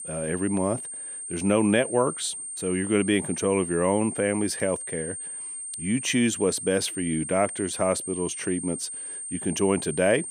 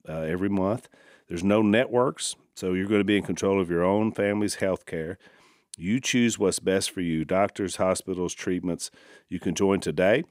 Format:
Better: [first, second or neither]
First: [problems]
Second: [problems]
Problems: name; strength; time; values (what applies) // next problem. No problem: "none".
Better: second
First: high-pitched whine; loud; throughout; 8.5 kHz, 7 dB below the speech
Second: none